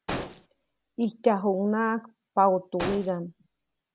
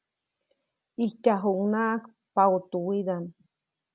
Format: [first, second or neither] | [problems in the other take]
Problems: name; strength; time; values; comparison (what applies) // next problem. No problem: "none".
second | background sound (Explosion); 10 dB below the speech